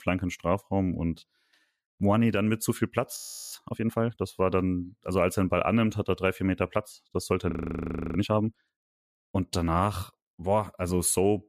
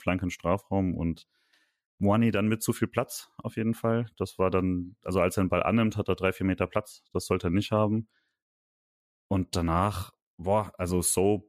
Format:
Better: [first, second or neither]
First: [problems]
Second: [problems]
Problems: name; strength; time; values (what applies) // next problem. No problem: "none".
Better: second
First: audio freezing; at 3 s and at 7.5 s for 0.5 s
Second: none